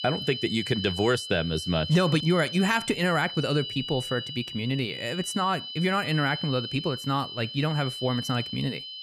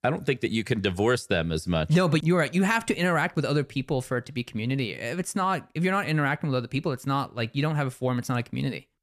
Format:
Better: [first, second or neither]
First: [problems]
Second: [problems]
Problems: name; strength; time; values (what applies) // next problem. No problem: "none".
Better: second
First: high-pitched whine; loud; throughout; 3 kHz, 7 dB below the speech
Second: none